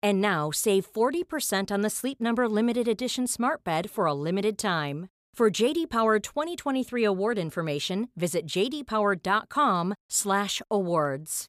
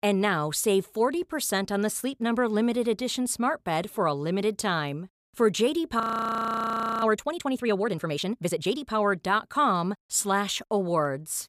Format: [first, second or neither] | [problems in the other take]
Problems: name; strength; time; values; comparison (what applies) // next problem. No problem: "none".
first | audio freezing; at 6 s for 1 s